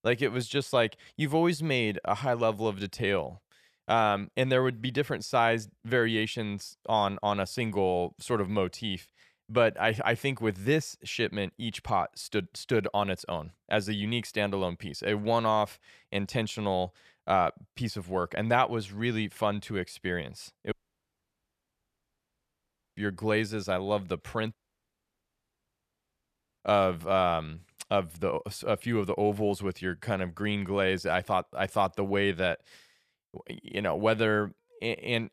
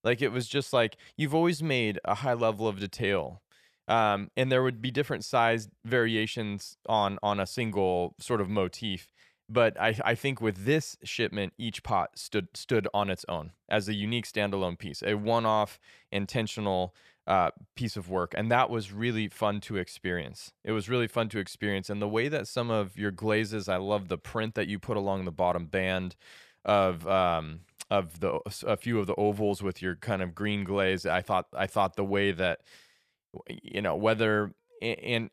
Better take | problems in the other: second | audio cutting out; at 21 s for 2.5 s and at 25 s for 2 s

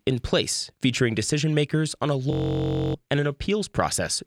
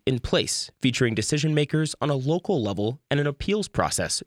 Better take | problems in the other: second | audio freezing; at 2.5 s for 0.5 s

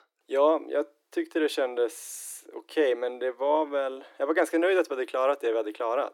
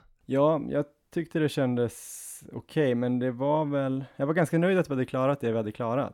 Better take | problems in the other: second | thin; very; fading below 300 Hz

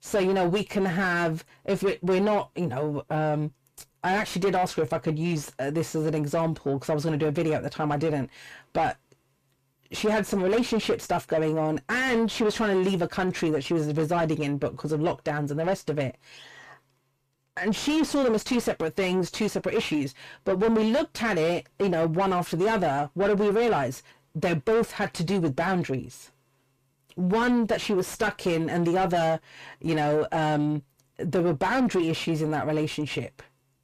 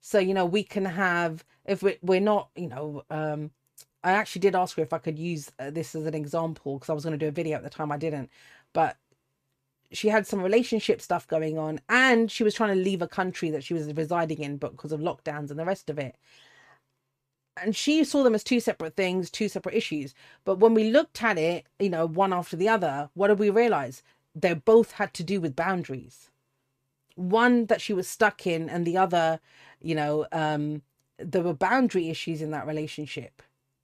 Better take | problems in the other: second | distortion; heavy; 6 dB below the speech

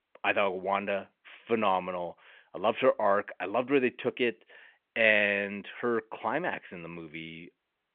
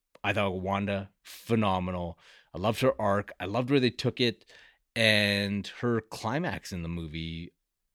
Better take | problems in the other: second | phone-call audio

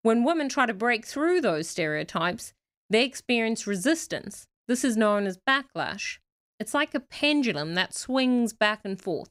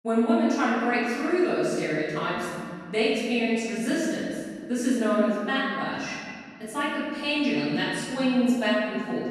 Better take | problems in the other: first | room echo; strong; dies away in 2 s // off-mic speech; far

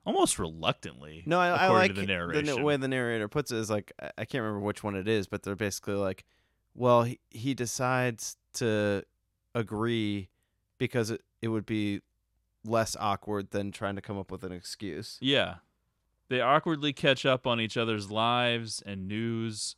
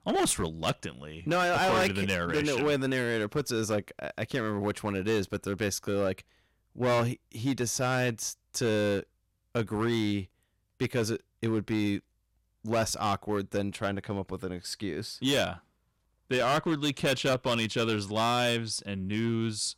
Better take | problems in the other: first | distortion; heavy; 9% of the sound clipped

